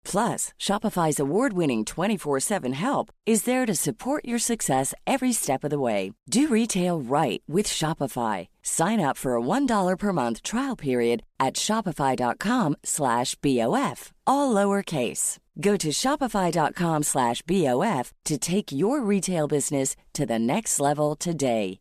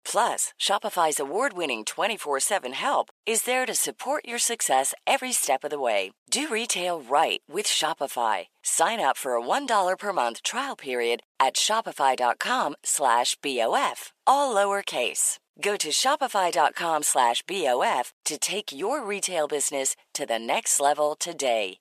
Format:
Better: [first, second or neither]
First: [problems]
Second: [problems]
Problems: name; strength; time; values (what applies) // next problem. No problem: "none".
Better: first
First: none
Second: thin; very; fading below 650 Hz